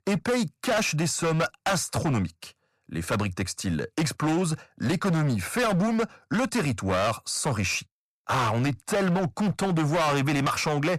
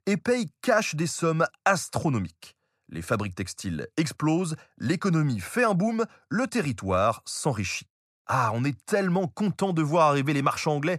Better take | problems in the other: second | distortion; heavy; 20% of the sound clipped

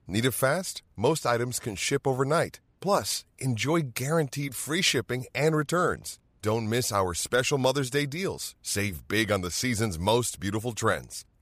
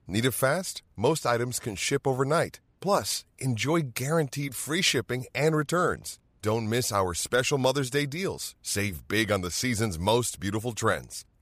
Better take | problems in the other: neither | none

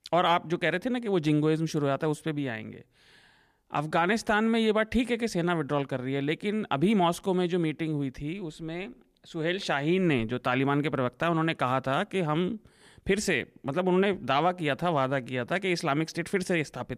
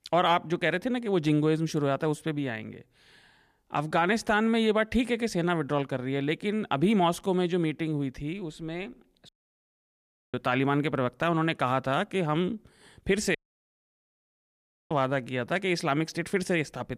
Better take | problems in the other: first | audio cutting out; at 9.5 s for 1 s and at 13 s for 1.5 s

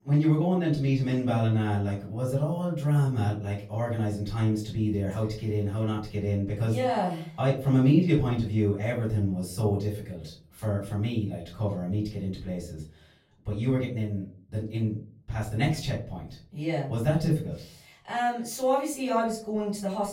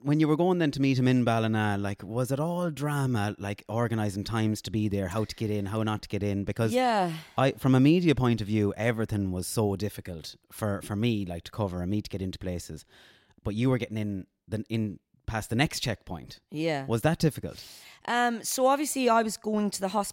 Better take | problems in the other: second | off-mic speech; far // room echo; slight; dies away in 0.4 s

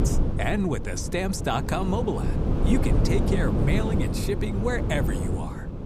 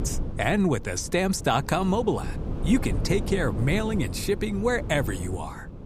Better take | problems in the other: second | wind noise on the microphone; heavy; 4 dB below the speech; occasional gusts in the second

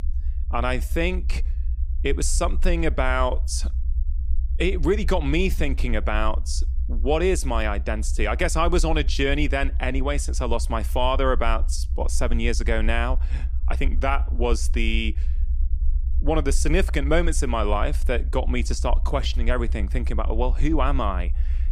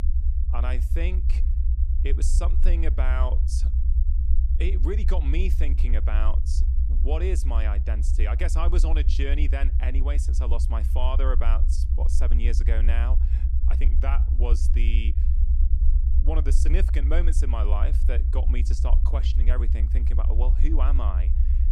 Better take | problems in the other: first | low rumble; loud; throughout; 8 dB below the speech; faint in the first

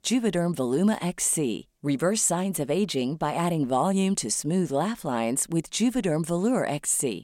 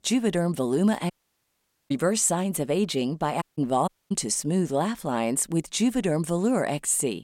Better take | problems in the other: first | audio cutting out; at 1 s for 1 s, at 3.5 s and at 4 s

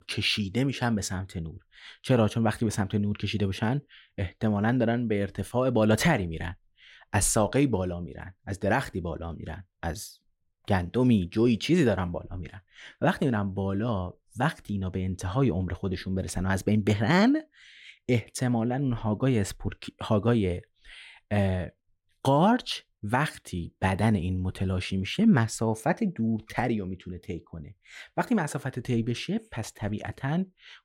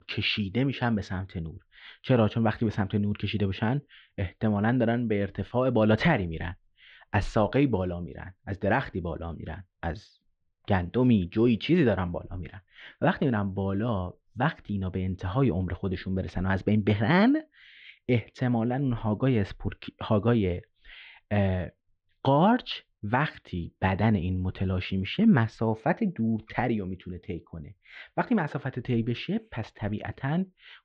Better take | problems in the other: first | muffled; slightly; fading above 3.5 kHz

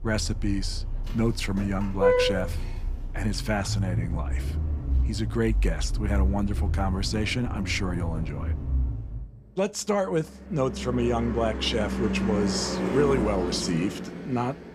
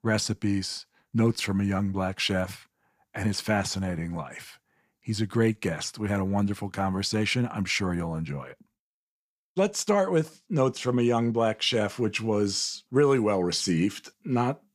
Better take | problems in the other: second | traffic noise; loud; throughout; 2 dB below the speech

